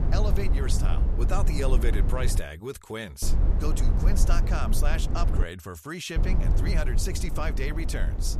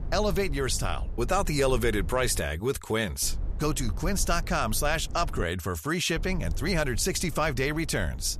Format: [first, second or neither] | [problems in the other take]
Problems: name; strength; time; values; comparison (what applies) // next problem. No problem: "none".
second | low rumble; loud; until 2.5 s, from 3 to 5.5 s and from 6 s on; 6 dB below the speech; faint in the second